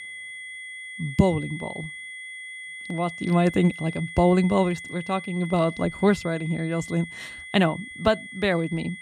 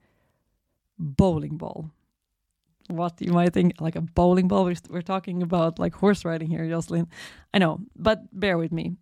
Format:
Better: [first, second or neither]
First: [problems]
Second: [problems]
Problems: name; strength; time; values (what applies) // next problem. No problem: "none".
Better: second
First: high-pitched whine; noticeable; throughout; 2 kHz, 10 dB below the speech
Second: none